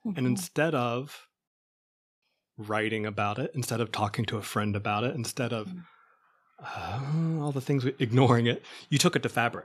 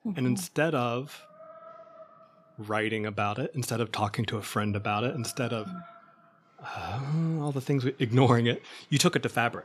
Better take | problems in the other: first | animal sounds; faint; throughout; 25 dB below the speech

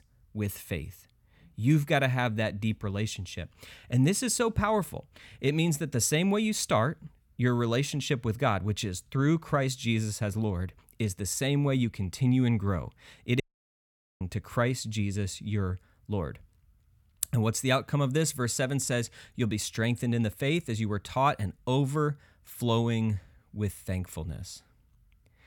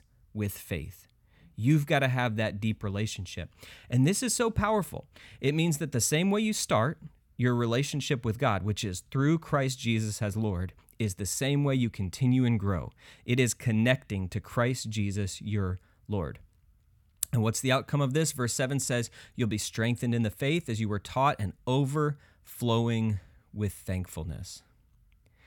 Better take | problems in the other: second | audio cutting out; at 13 s for 1 s

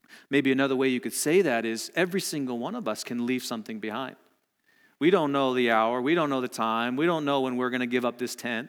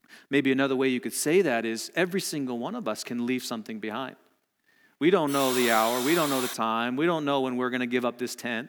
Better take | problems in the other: first | alarm; noticeable; from 5.5 to 6.5 s; peak 2 dB below the speech

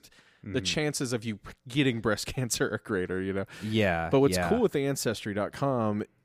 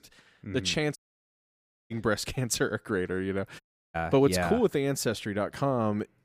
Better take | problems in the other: first | audio cutting out; at 1 s for 1 s and at 3.5 s

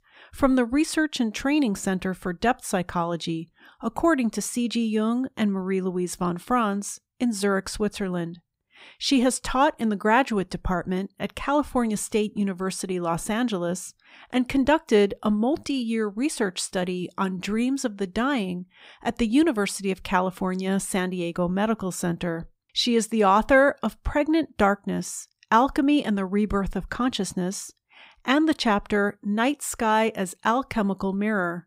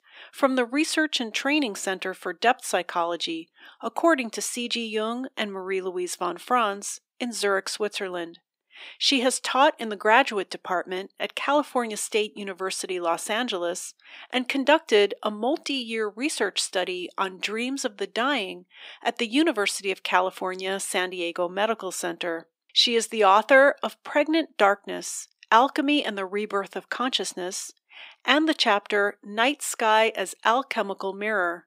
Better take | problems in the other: first | thin; somewhat; fading below 300 Hz

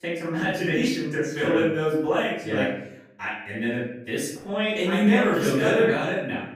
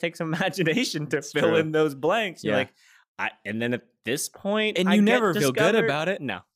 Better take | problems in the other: second | off-mic speech; far // room echo; noticeable; dies away in 0.7 s

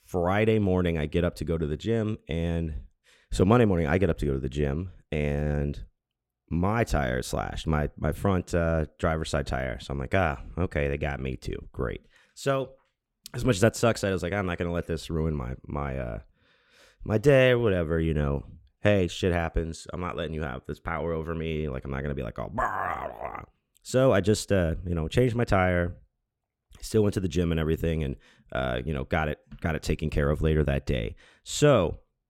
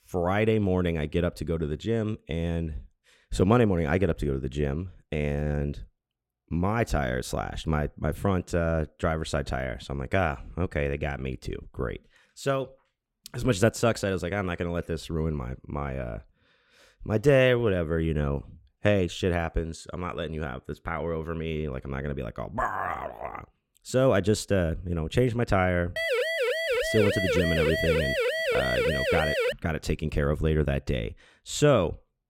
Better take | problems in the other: first | siren; loud; from 26 to 30 s; peak 2 dB above the speech

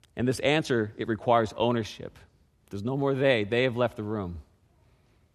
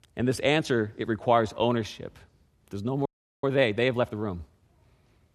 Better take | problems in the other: first | audio freezing; at 3 s

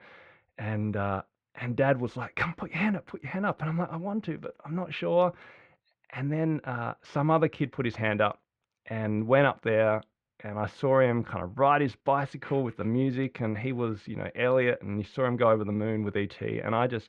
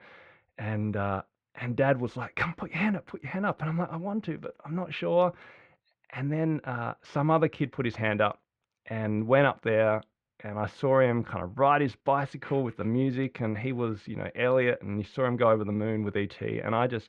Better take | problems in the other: neither | muffled; very; fading above 2 kHz; the same in both

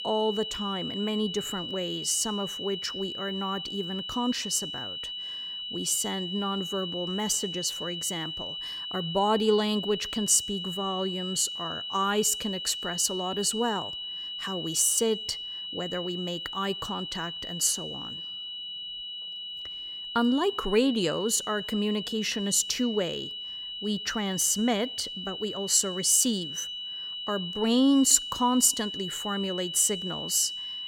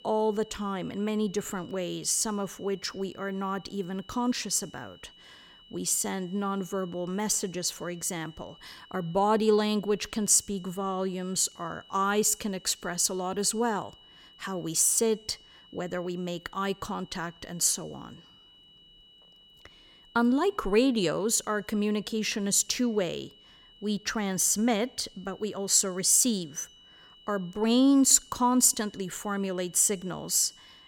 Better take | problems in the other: second | high-pitched whine; loud; throughout; 3 kHz, 6 dB below the speech; faint in the second

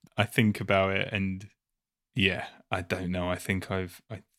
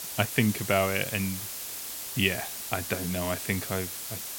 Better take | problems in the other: first | hiss; loud; throughout; 5 dB below the speech

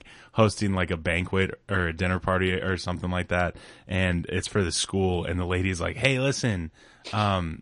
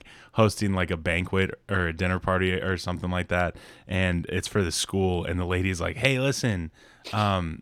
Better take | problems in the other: second | garbled, watery; slightly; nothing above 10 kHz

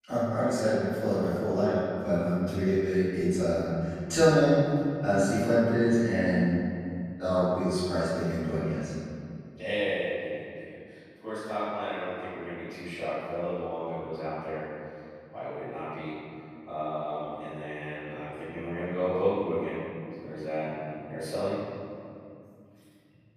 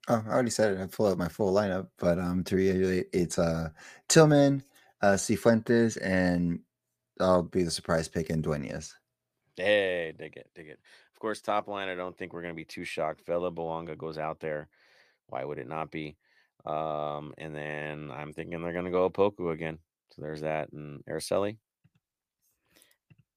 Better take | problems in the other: second | off-mic speech; far // room echo; strong; dies away in 2.6 s

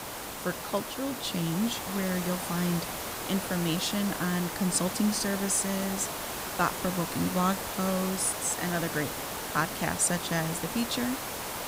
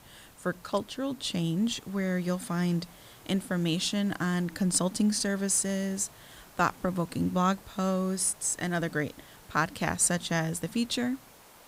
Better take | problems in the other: second | hiss; loud; throughout; 4 dB below the speech; faint in the second

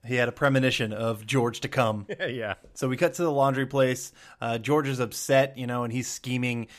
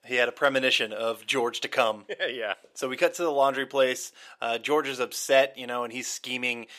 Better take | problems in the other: first | thin; somewhat; fading below 450 Hz

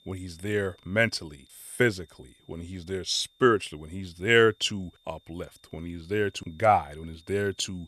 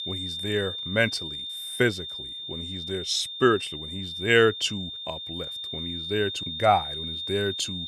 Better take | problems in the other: first | high-pitched whine; loud; throughout; 3.5 kHz, 7 dB below the speech; faint in the first

